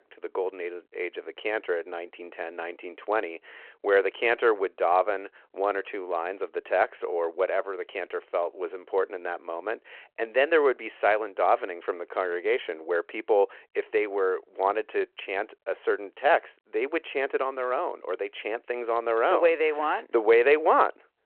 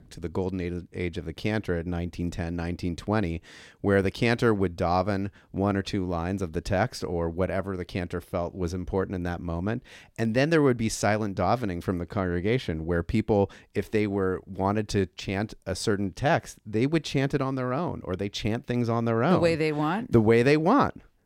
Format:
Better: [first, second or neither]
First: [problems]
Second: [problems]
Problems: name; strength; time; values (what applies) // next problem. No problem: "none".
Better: second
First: phone-call audio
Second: none